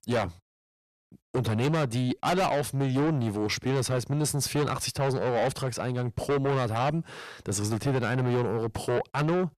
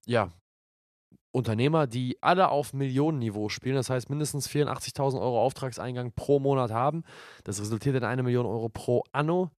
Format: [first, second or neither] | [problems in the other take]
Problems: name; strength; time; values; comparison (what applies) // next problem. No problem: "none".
second | distortion; heavy; 6 dB below the speech